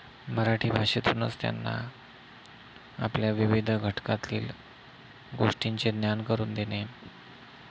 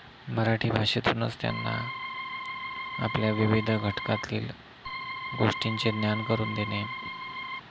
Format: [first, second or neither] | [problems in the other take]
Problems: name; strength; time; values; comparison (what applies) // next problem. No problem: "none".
first | background sound (Organ); 7 dB below the speech